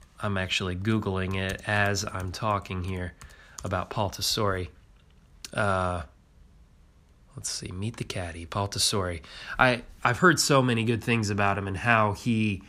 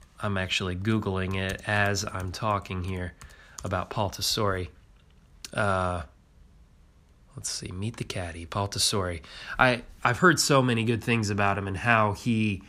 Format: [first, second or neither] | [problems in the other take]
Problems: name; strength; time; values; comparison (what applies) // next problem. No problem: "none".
neither | none